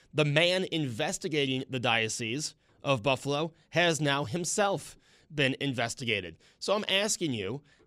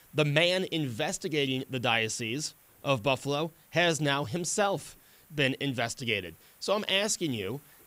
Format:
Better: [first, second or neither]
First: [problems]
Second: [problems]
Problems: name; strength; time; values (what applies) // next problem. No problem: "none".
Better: first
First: none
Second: hiss; faint; throughout; 30 dB below the speech